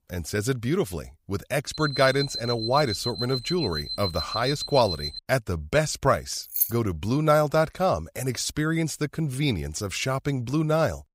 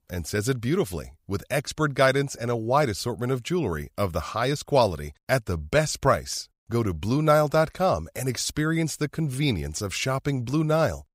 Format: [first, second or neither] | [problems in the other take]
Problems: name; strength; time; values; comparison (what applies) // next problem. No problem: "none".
second | alarm; noticeable; from 1.5 to 5 s; peak 5 dB below the speech // jangling keys; loud; at 6.5 s; peak 1 dB above the speech